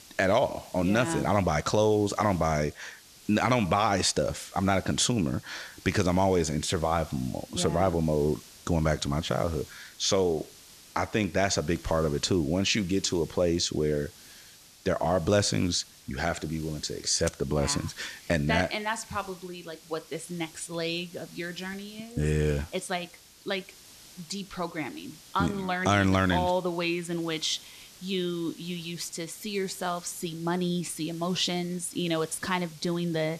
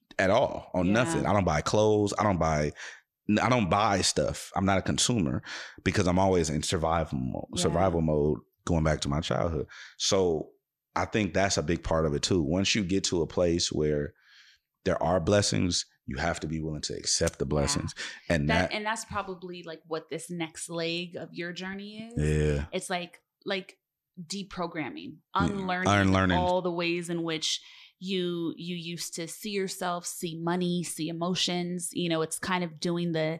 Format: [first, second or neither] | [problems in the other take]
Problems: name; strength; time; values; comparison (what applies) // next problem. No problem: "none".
second | hiss; faint; throughout; 20 dB below the speech